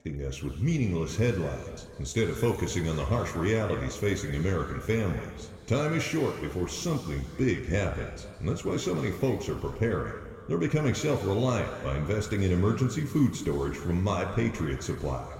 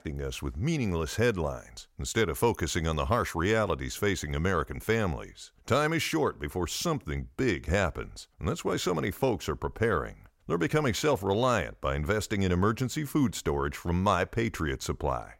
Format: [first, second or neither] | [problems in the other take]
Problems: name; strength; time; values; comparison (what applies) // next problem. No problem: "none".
second | room echo; noticeable; dies away in 2.1 s // off-mic speech; somewhat distant